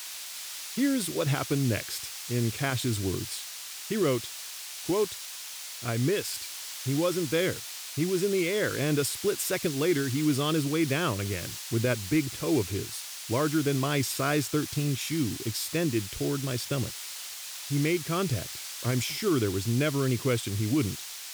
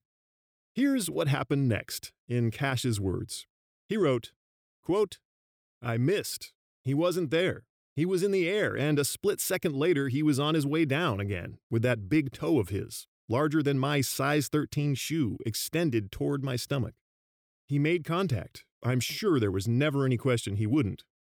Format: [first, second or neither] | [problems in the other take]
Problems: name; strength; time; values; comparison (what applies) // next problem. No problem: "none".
second | hiss; loud; throughout; 7 dB below the speech